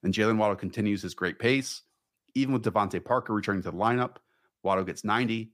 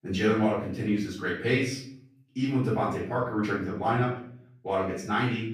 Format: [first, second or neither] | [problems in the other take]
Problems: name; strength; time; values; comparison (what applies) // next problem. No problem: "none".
first | off-mic speech; far // room echo; noticeable; dies away in 0.6 s